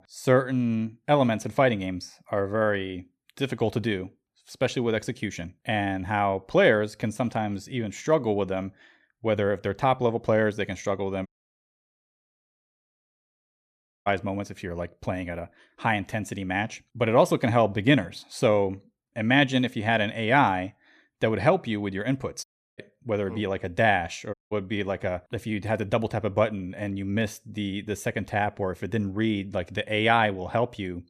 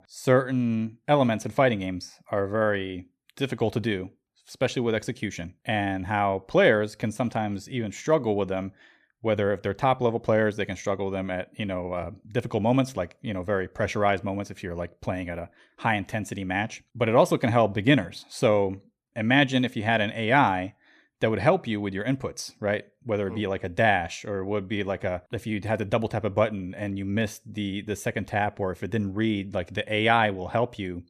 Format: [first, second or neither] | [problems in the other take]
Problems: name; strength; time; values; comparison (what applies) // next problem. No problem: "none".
second | audio cutting out; at 11 s for 3 s, at 22 s and at 24 s